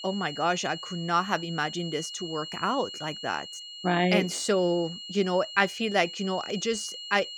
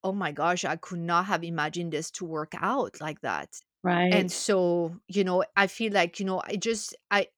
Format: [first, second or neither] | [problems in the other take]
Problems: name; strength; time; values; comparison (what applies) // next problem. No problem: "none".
second | high-pitched whine; loud; throughout; 3 kHz, 10 dB below the speech